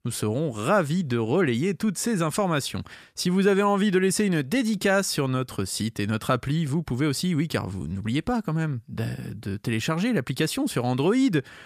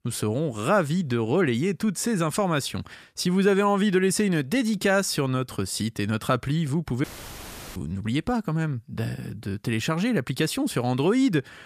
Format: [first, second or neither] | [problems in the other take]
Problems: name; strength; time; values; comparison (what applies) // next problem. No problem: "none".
first | audio cutting out; filled with static; at 7 s for 0.5 s